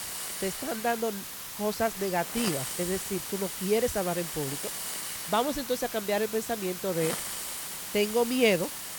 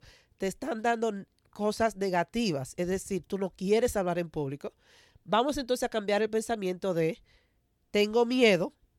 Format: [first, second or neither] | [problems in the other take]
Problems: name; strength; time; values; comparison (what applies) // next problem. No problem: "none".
second | hiss; loud; throughout; 4 dB below the speech